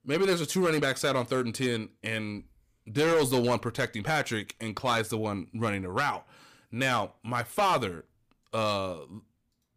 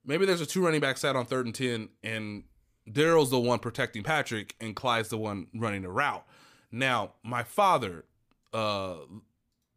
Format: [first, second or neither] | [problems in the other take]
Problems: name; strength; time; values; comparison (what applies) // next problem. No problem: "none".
second | distortion; slight; 5% of the sound clipped